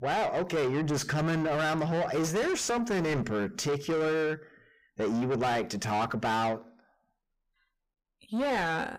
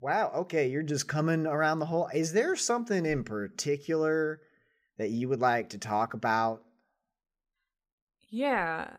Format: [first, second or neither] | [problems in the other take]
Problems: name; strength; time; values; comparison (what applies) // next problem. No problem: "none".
second | distortion; heavy; 6 dB below the speech